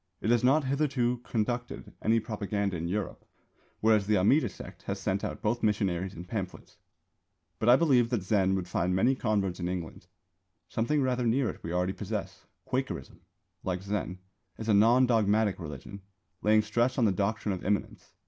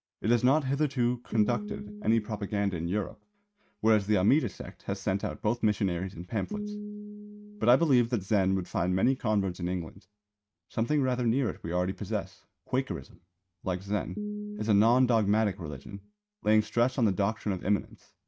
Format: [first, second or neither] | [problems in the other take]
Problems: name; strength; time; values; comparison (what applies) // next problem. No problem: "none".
first | noise reduction (neural mask model RNNoise)